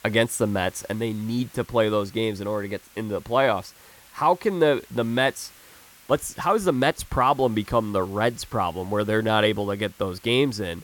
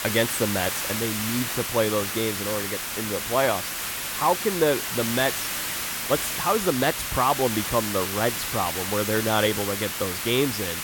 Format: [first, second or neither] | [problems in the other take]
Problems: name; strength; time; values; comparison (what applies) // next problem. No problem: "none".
first | hiss; loud; throughout; 2 dB below the speech; faint in the first